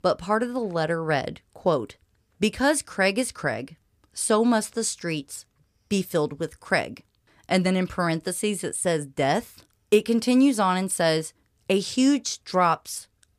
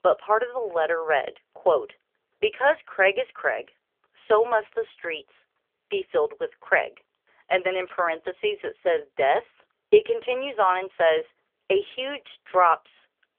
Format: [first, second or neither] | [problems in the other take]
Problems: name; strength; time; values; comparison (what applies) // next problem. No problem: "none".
first | phone-call audio; poor line; nothing above 3.5 kHz